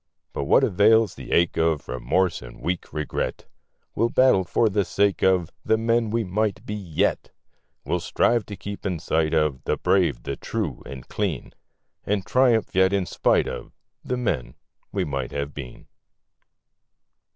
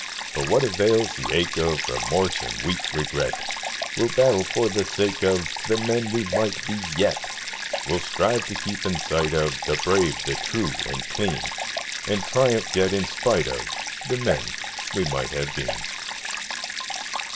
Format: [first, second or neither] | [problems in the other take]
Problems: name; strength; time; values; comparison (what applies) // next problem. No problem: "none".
first | background sound (Stream); 5 dB below the speech // room echo; dies away in 0.2 s